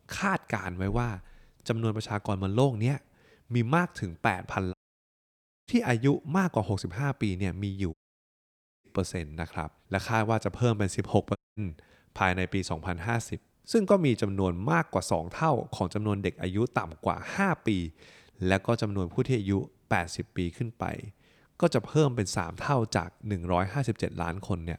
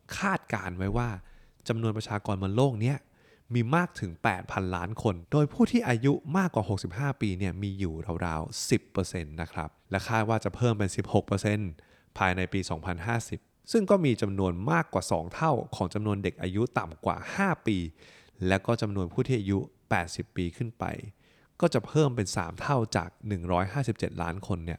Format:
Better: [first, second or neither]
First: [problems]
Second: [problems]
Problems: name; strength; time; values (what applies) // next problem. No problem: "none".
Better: second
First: audio cutting out; at 4.5 s for 1 s, at 8 s for 1 s and at 11 s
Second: none